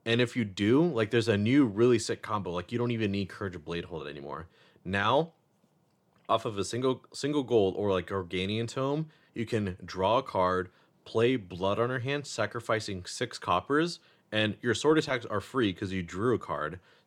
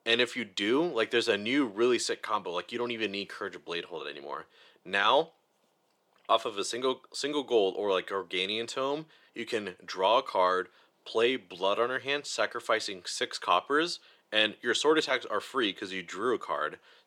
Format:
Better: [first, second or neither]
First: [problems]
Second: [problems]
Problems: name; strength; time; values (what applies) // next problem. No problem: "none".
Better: first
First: none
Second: thin; somewhat; fading below 400 Hz